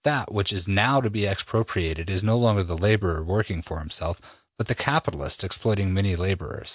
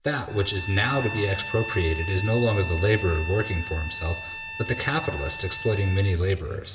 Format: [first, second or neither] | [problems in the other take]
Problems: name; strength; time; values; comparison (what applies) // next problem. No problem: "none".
first | background sound (Bowed string instrument); 11 dB below the speech // room echo; dies away in 1.9 s